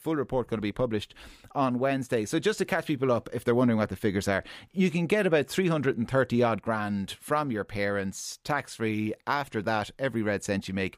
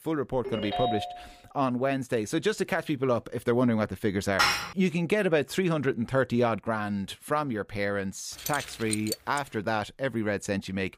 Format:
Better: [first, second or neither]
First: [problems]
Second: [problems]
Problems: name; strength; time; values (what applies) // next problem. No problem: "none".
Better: first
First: none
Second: phone ringing; noticeable; at 0.5 s; peak 2 dB below the speech // clattering dishes; loud; at 4.5 s; peak 4 dB above the speech // jangling keys; noticeable; from 8.5 to 9.5 s; peak 4 dB below the speech